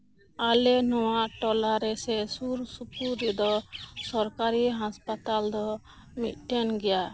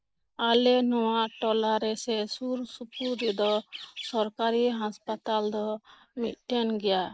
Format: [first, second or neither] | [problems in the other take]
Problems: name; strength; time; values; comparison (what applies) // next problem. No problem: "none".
first | noise reduction (neural mask model Resemble Enhance denoiser)